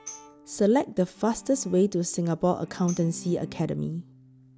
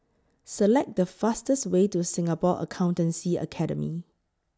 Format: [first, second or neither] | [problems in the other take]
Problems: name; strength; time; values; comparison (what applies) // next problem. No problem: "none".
second | background sound (Tambourine + Bowed string instrument); 19 dB below the speech